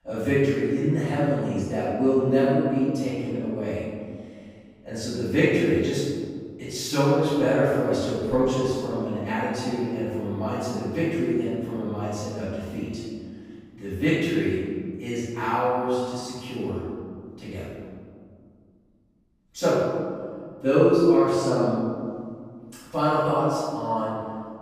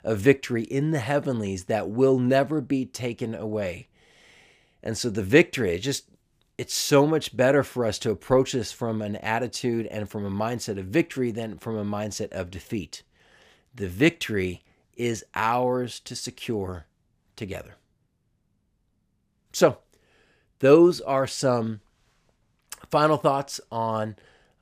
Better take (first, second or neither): second